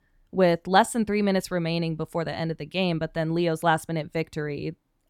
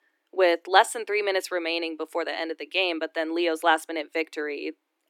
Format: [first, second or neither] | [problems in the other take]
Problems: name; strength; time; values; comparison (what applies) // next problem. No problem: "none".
first | thin; very; fading below 300 Hz